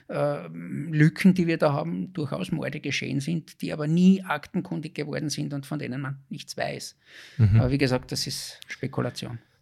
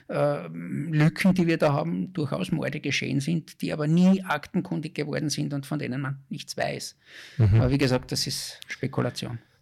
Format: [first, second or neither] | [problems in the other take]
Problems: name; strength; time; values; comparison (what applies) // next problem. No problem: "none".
first | distortion; slight; 3% of the sound clipped